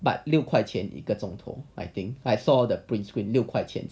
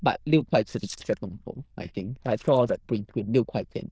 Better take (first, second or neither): first